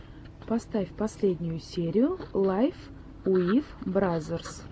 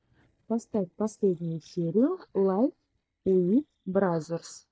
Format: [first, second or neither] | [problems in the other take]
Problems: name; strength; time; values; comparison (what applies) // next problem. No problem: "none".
first | noise reduction (neural mask model DeepFilterNet 3)